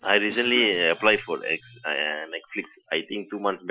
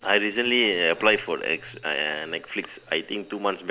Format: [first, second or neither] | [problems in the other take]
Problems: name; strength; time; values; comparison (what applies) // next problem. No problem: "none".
second | noise reduction (classical method Wiener filter)